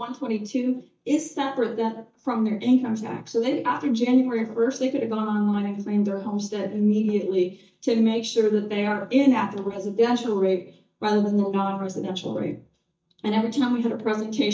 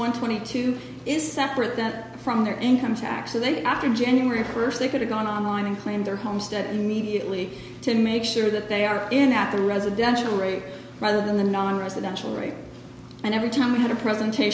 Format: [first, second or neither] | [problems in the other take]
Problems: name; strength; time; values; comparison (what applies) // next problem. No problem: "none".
second | noise reduction (neural mask model DeepFilterNet 3)